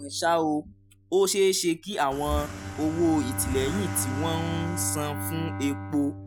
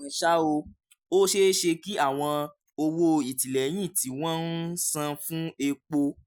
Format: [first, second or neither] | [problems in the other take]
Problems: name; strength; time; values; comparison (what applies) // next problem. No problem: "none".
second | background sound (Bowed string instrument + Accelerating, revving, vroom / Car); 7 dB below the speech